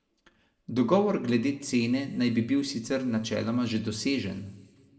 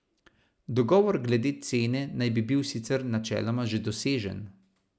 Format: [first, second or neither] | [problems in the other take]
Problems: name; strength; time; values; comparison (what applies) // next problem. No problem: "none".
second | room echo; dies away in 1.2 s